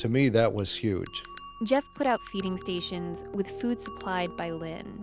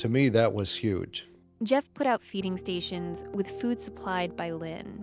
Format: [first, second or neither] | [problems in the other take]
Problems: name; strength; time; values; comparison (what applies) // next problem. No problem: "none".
second | background sound (Bell); 19 dB below the speech